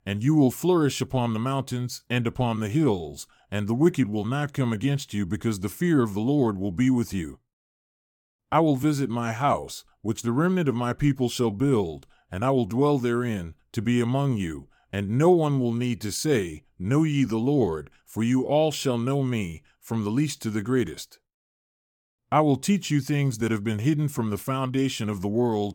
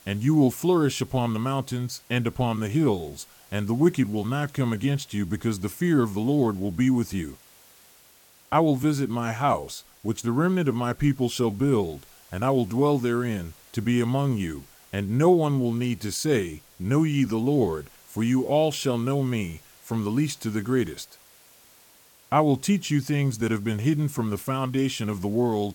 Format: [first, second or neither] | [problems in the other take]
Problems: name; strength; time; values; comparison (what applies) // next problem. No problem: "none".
first | hiss; faint; throughout; 25 dB below the speech